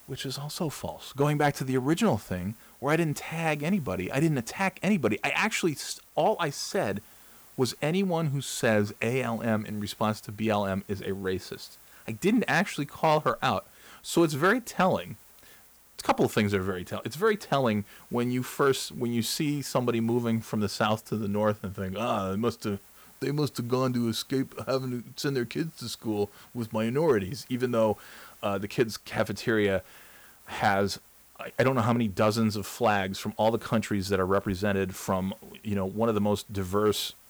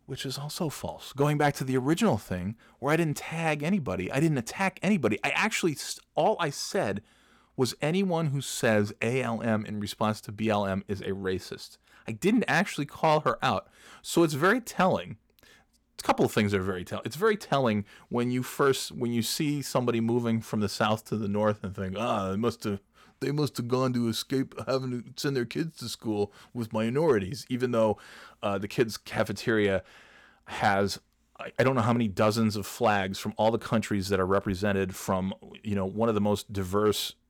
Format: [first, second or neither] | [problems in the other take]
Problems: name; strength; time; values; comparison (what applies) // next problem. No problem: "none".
second | hiss; faint; throughout; 25 dB below the speech